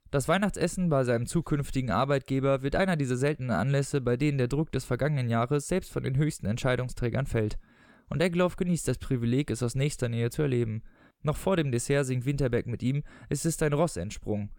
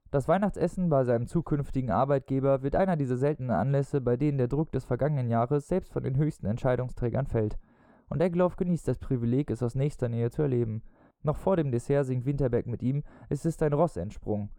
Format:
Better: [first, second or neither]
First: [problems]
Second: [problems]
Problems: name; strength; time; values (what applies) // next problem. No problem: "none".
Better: first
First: none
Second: muffled; very; fading above 1.5 kHz